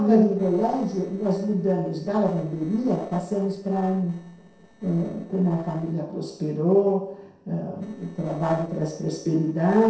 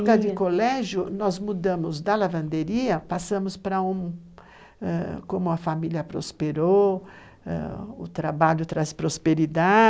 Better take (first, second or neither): second